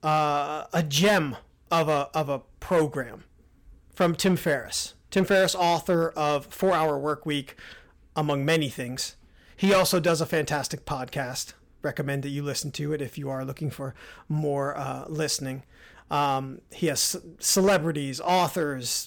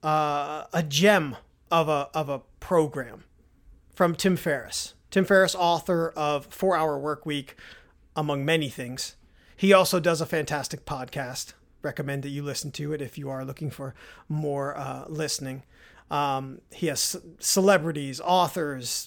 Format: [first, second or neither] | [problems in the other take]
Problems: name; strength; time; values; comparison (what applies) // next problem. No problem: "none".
second | distortion; slight; 4% of the sound clipped